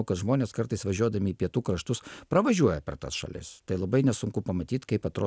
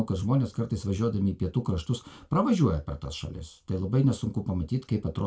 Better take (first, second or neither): first